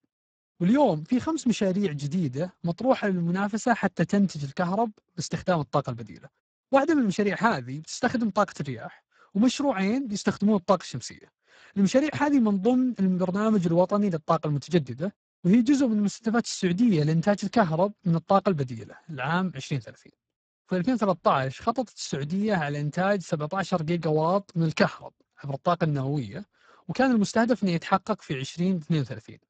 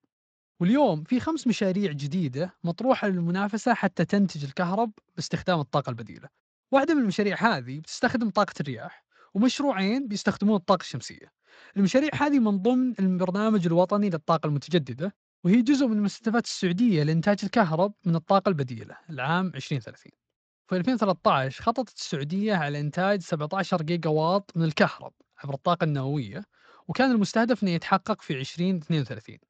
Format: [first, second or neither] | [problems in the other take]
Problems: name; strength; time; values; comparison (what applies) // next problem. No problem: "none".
second | garbled, watery; badly; nothing above 7.5 kHz; slightly in the second